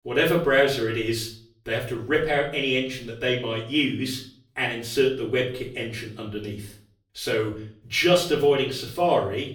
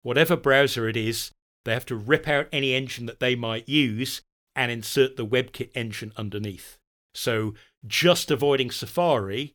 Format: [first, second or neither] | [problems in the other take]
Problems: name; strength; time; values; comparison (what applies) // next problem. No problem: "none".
second | room echo; slight; dies away in 0.4 s // off-mic speech; far